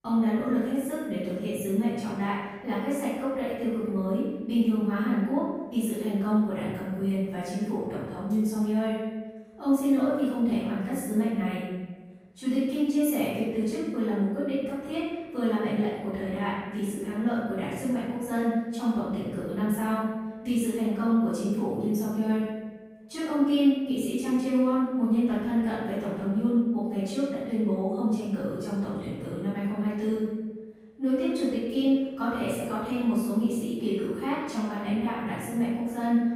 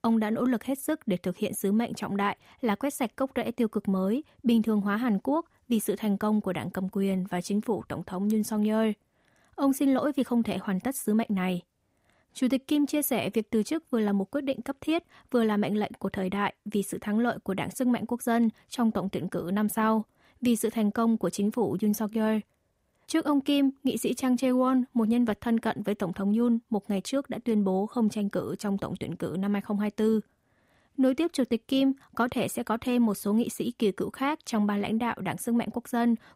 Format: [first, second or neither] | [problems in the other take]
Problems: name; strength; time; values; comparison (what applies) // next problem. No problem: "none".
second | room echo; strong; dies away in 1.1 s // off-mic speech; far